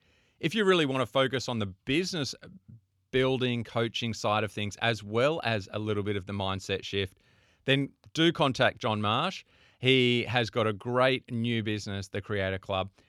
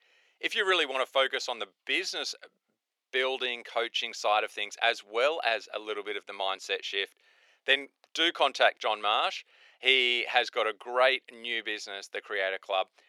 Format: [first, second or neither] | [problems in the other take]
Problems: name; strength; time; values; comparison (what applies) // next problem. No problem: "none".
first | thin; very; fading below 400 Hz